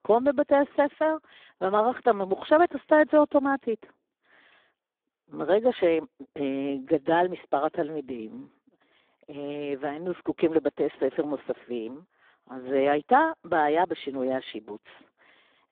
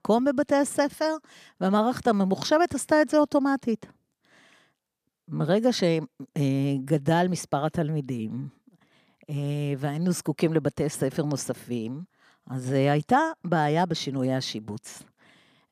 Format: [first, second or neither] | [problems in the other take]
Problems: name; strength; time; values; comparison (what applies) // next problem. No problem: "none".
second | phone-call audio; poor line; nothing above 3.5 kHz